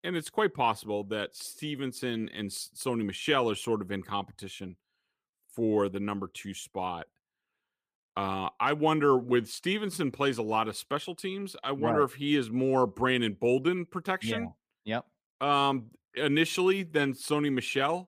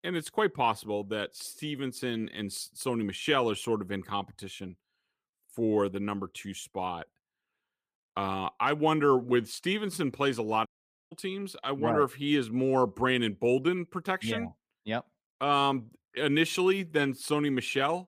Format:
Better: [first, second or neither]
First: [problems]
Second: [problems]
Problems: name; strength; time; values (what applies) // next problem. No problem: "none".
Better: first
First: none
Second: audio cutting out; at 11 s